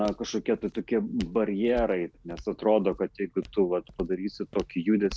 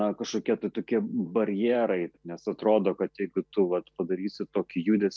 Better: second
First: background sound (Walk, footsteps); 19 dB below the speech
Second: none

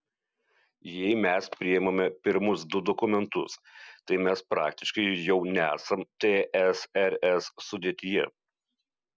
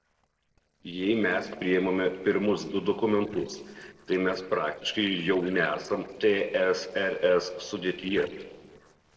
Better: first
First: none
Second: noise reduction (neural separator model SepFormer DNS4)

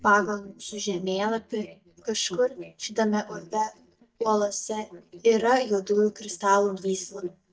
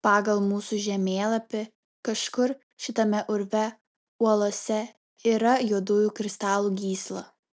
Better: second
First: noise reduction (neural mask model DeepFilterNet 3)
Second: none

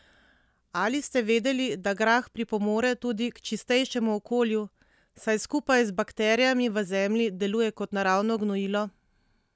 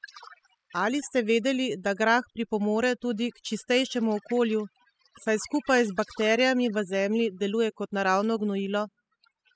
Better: first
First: none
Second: noise reduction (classical method spectral subtraction)

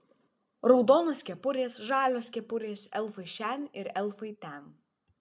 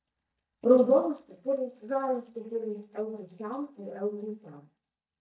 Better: first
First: none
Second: noise reduction (neural mask model DeepFilterNet 3)

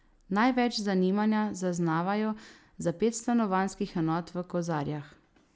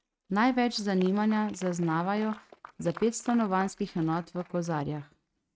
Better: first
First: none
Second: noise reduction (neural mask model RNNoise)

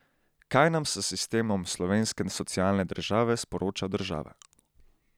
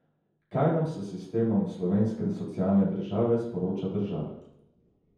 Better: first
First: none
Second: room echo; dies away in 0.9 s

